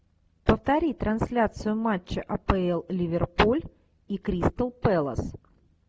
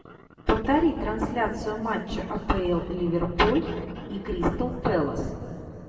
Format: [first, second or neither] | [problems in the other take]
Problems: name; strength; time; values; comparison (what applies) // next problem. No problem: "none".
first | room echo; dies away in 2.3 s